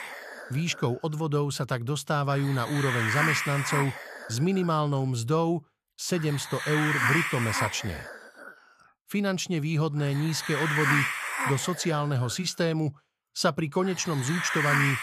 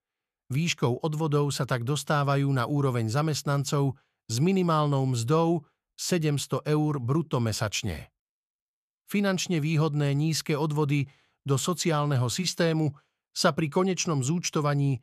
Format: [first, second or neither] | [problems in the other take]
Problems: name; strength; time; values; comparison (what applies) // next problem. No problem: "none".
second | hiss; loud; throughout; 1 dB below the speech